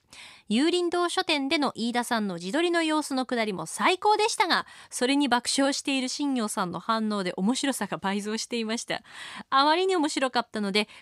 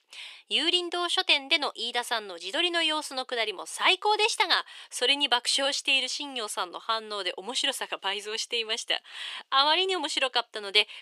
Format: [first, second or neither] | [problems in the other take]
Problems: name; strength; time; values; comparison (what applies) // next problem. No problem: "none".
first | thin; somewhat; fading below 400 Hz